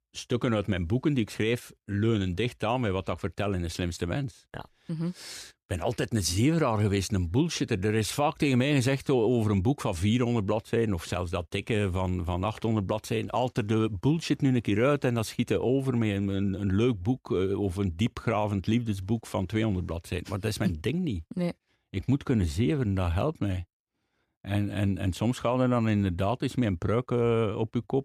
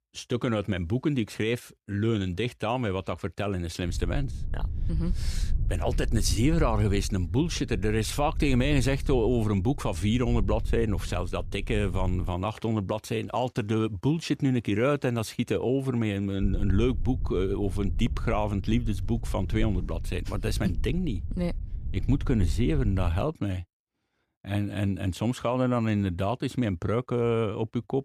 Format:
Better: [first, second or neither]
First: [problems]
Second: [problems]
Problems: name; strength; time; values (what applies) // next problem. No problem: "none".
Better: first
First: none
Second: low rumble; faint; from 4 to 12 s and from 16 to 23 s; 20 dB below the speech